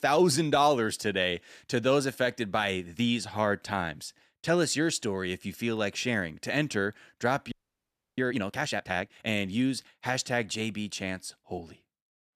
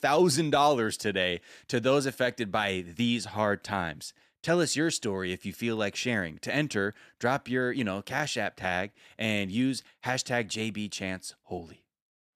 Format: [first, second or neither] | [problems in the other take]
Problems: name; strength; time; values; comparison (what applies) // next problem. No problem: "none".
second | audio freezing; at 7.5 s for 0.5 s